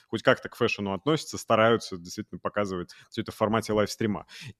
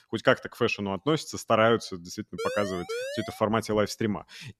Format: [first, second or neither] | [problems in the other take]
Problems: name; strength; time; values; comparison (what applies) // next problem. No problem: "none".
first | siren; noticeable; from 2.5 to 3.5 s; peak 6 dB below the speech